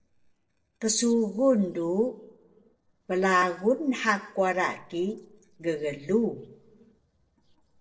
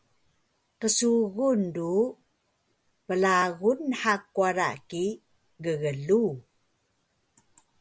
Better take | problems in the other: second | noise reduction (neural separator model SepFormer DNS4)

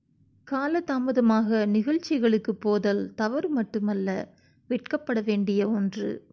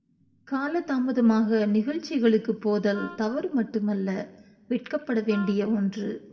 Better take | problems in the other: first | background sound (Wind instrument, woodwind instrument); 18 dB below the speech // room echo; dies away in 0.8 s

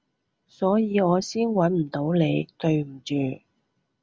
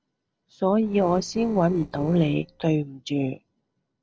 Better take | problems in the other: first | noise reduction (neural separator model SepFormer DNS4)

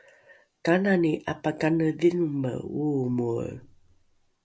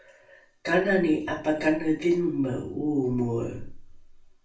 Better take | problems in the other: first | room echo; dies away in 0.3 s

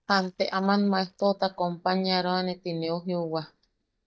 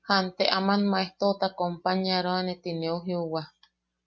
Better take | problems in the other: second | noise reduction (neural mask model DeepFilterNet 3)

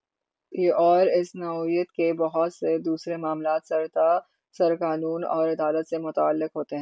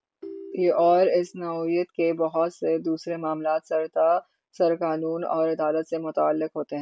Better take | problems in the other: first | background sound (Ringtone); 18 dB below the speech

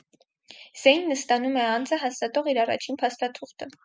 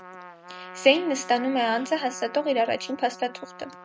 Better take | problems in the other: first | background sound (Trumpet); 17 dB below the speech

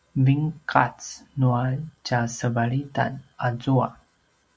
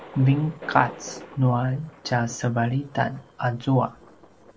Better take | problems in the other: first | background sound (Thunder); 18 dB below the speech

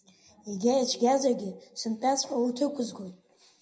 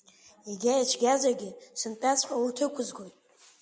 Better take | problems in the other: second | room echo; dies away in 0.5 s

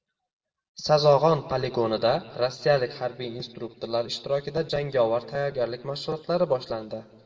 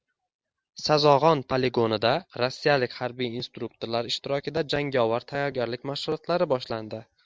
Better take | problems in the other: second | room echo; dies away in 1.2 s

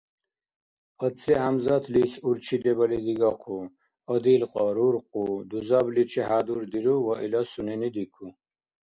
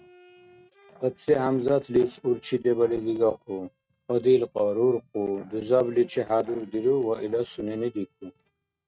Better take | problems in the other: first | noise reduction (neural mask model RNNoise)

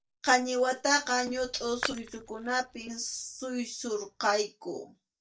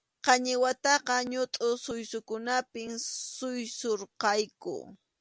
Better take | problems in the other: second | noise reduction (neural mask model DeepFilterNet 3)

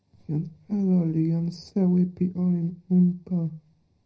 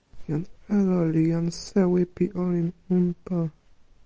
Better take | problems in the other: second | room echo; dies away in 0.4 s

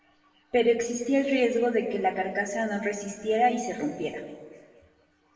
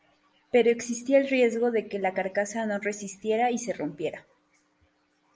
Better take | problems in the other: second | room echo; dies away in 1.7 s

